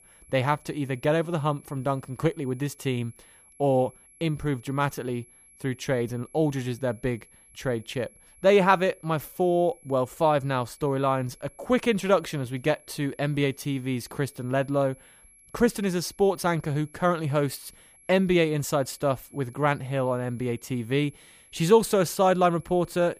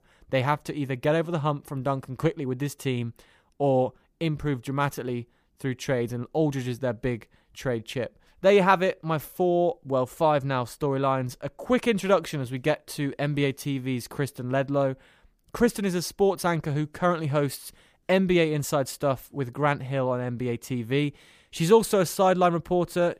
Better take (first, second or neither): second